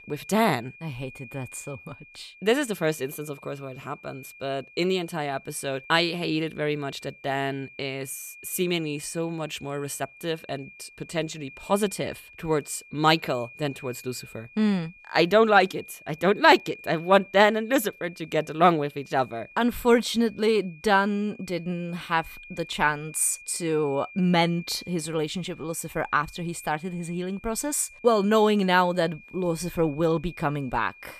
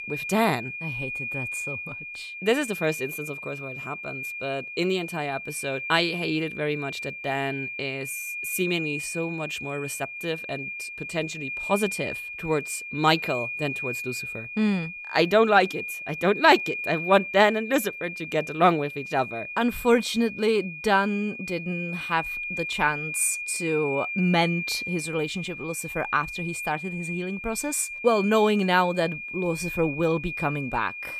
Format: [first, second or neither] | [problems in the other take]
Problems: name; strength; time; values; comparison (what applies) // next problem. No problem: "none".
first | high-pitched whine; loud; throughout; 2.5 kHz, 7 dB below the speech; faint in the first